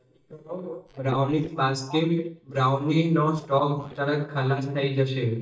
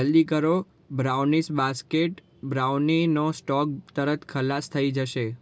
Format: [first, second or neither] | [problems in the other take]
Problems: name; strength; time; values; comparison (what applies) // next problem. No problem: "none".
second | noise reduction (neural mask model DeepFilterNet 3)